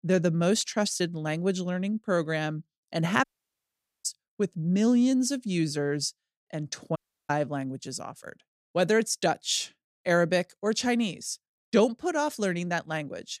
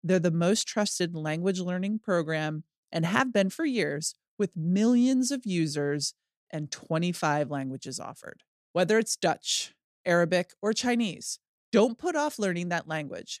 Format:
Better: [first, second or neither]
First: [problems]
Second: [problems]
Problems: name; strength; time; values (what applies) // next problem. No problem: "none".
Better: second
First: audio cutting out; at 3 s for 1 s and at 7 s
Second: none